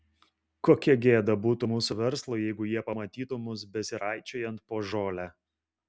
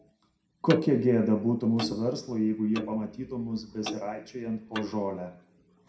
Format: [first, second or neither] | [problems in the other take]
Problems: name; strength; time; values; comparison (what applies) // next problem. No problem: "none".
first | background sound (Clock); 14 dB below the speech // room echo; dies away in 0.5 s